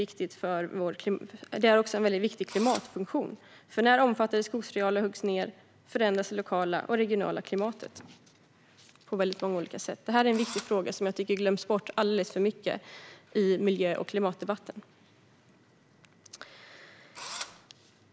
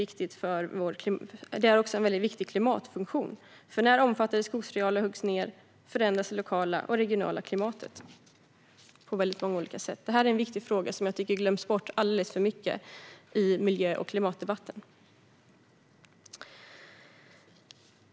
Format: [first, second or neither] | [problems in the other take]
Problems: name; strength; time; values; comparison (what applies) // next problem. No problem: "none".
second | background sound (Engine / Drill); 12 dB below the speech